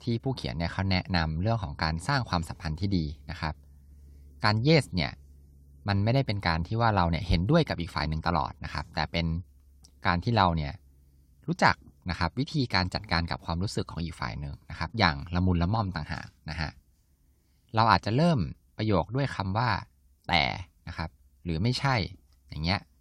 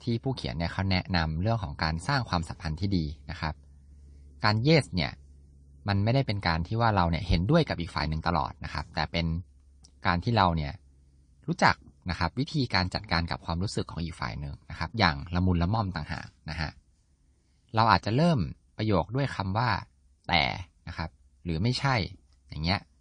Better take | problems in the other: first | garbled, watery; slightly; nothing above 9 kHz

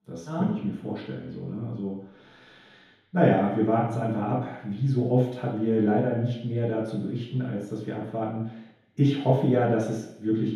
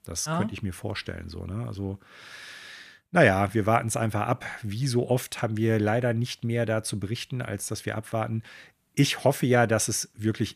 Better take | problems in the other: second | room echo; noticeable; dies away in 2 s // off-mic speech; far

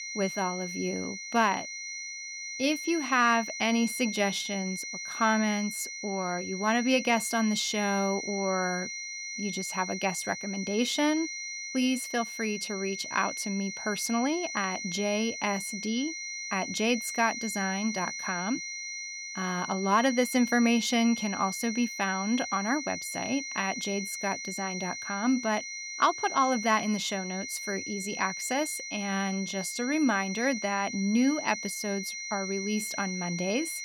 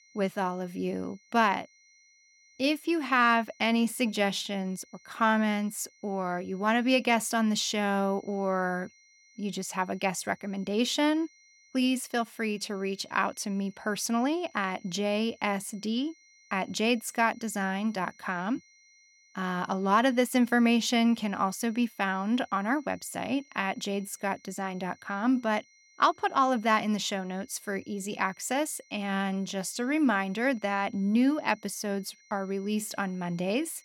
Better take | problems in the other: second | high-pitched whine; loud; throughout; 2 kHz, 6 dB below the speech; faint in the second

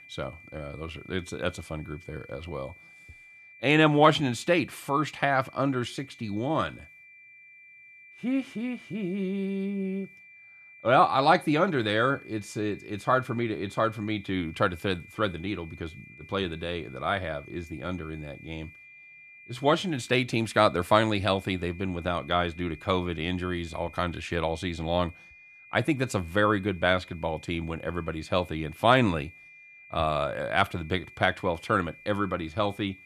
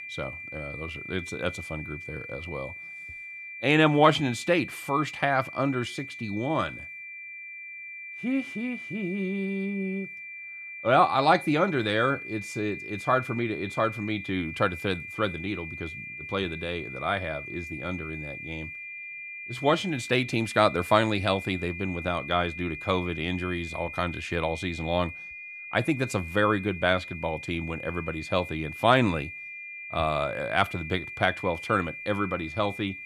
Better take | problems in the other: first | high-pitched whine; loud; throughout; 2.5 kHz, 10 dB below the speech; faint in the first

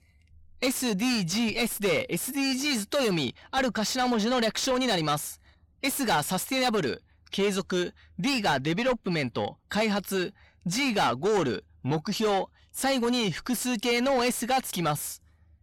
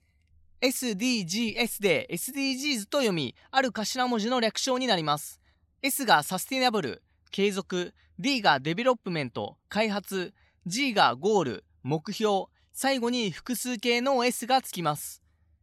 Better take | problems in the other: second | distortion; heavy; 7 dB below the speech

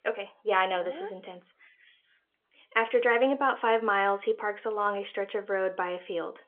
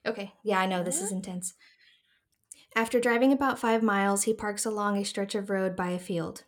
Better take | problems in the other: second | phone-call audio

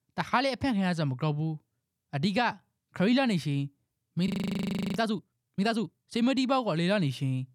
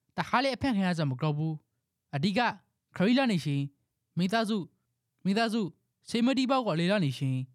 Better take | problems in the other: second | audio freezing; at 4.5 s for 0.5 s

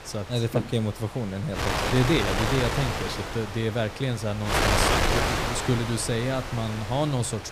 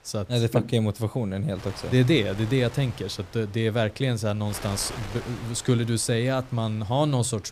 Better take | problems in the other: second | wind noise on the microphone; heavy; 4 dB above the speech; occasional gusts in the second

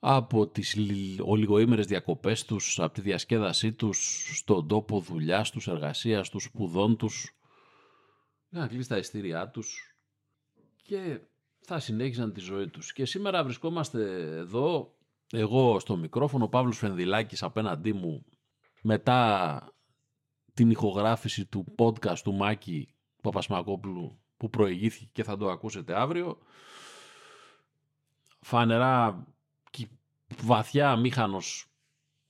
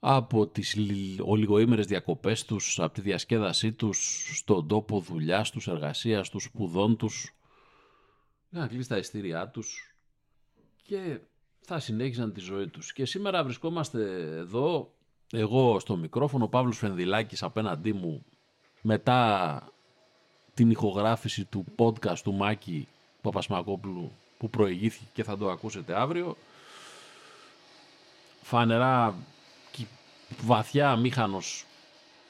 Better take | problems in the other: first | household noises; faint; throughout; 30 dB below the speech

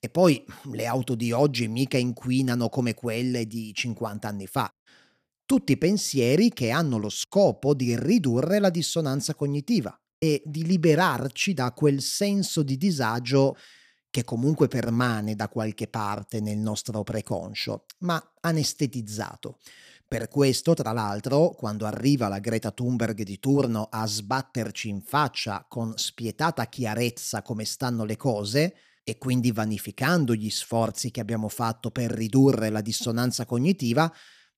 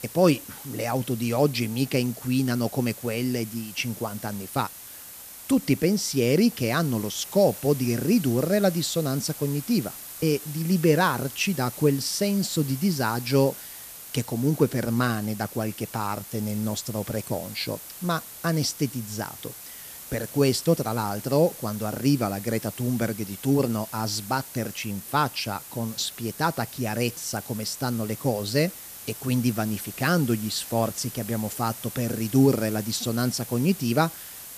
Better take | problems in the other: first | hiss; noticeable; throughout; 10 dB below the speech

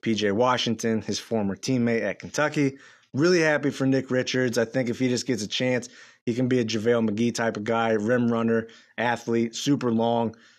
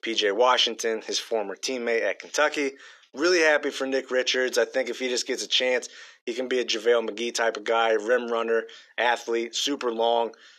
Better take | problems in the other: first | thin; somewhat; fading below 350 Hz

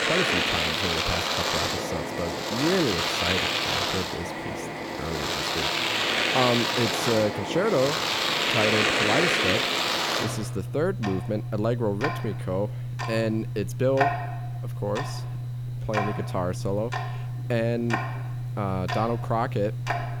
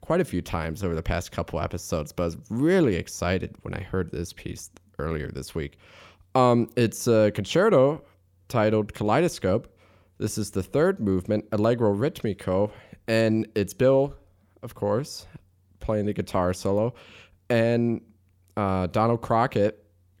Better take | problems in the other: second | household noises; very loud; throughout; 2 dB above the speech

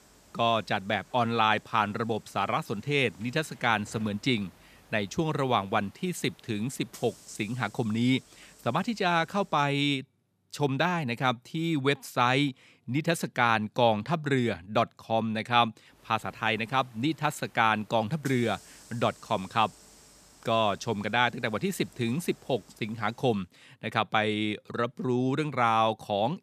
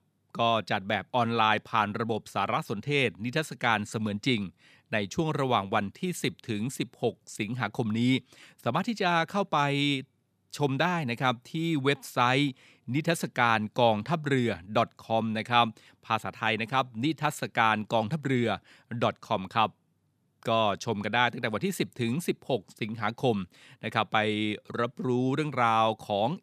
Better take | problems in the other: second | hiss; faint; until 9.5 s and from 16 to 23 s; 25 dB below the speech

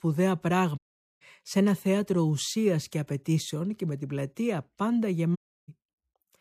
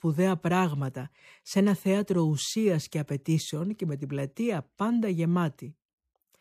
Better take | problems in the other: second | audio cutting out; at 1 s and at 5.5 s

